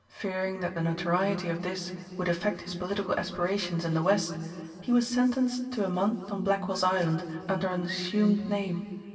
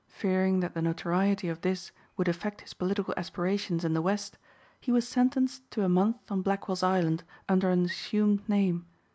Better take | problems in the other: second | room echo; dies away in 2.5 s

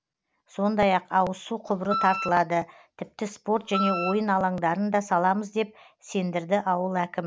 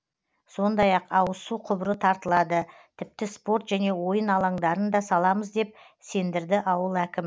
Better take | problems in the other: second | background sound (Wind instrument, woodwind instrument); 4 dB below the speech

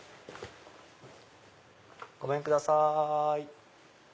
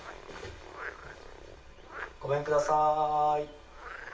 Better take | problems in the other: first | background sound (Frog); 14 dB below the speech // room echo; dies away in 0.3 s

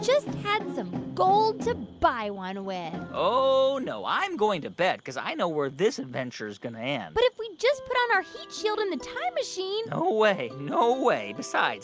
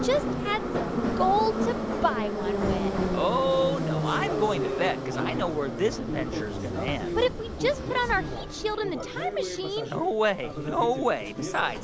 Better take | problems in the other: first | background sound (Subway, metro, underground); 2 dB below the speech

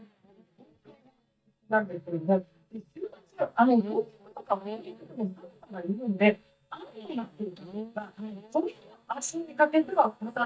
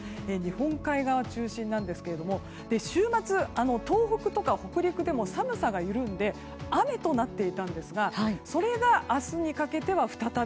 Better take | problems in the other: second | noise reduction (neural mask model DeepFilterNet 3)

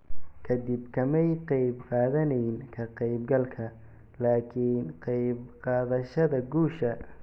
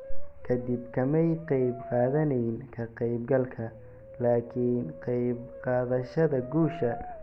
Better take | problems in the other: first | background sound (Brass instrument); 17 dB below the speech

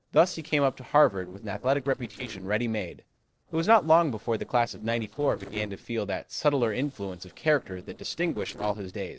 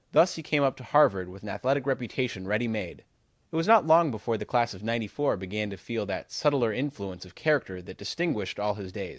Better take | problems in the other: second | noise reduction (neural separator model SepFormer DNS4)

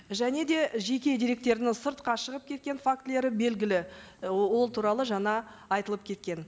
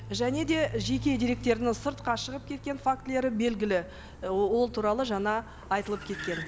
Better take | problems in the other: first | background sound (Car); 12 dB below the speech

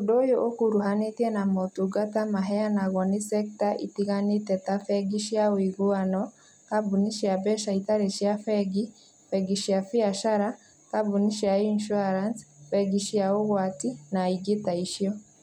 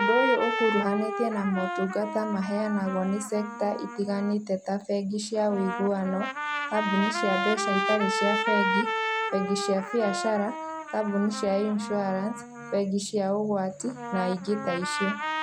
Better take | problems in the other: first | background sound (Trumpet); 4 dB below the speech

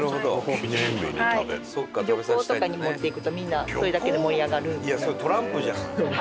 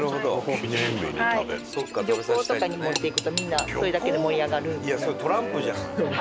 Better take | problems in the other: first | background sound (Cutlery, silverware / Dishes, pots, and pans); 9 dB below the speech

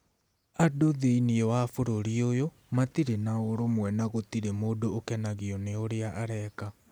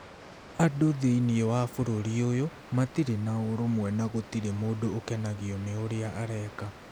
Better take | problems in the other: first | background sound (Water); 18 dB below the speech

